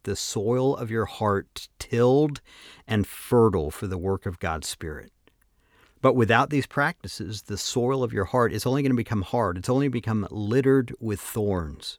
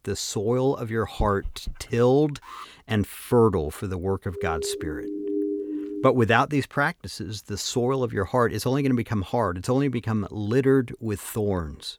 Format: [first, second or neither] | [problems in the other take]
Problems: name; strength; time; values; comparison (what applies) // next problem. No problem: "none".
first | dog barking; noticeable; at 1 s; peak 10 dB below the speech // alarm; faint; at 2.5 s; peak 15 dB below the speech // siren; noticeable; from 4.5 to 6 s; peak 3 dB below the speech